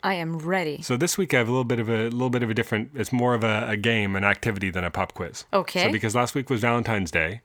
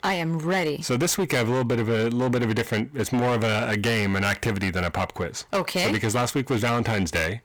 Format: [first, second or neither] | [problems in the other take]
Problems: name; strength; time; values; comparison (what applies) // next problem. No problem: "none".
first | distortion; heavy; 20% of the sound clipped